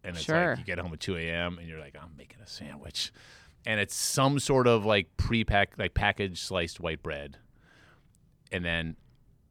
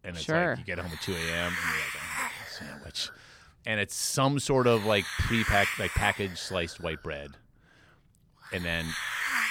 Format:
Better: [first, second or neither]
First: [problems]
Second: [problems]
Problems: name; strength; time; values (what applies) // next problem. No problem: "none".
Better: first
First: none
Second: hiss; loud; throughout; 3 dB below the speech